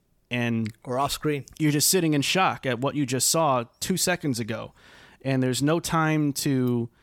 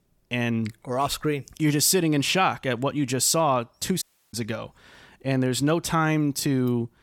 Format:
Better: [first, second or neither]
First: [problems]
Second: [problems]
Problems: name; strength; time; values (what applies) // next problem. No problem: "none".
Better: first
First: none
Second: audio cutting out; at 4 s